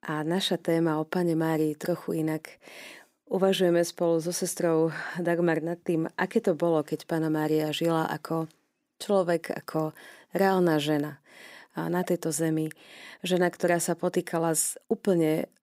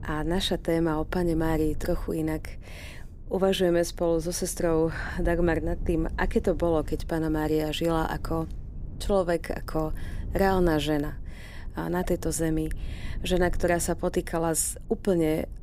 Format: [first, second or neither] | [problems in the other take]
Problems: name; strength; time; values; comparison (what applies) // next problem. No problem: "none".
first | low rumble; faint; throughout; 25 dB below the speech